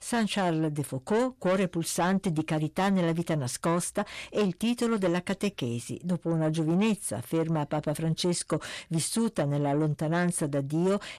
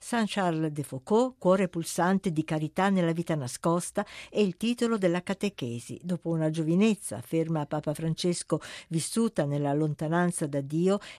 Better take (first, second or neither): second